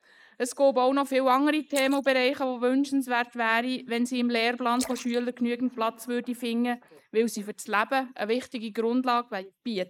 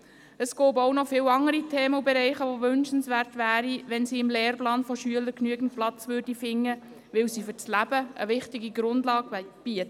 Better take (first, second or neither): second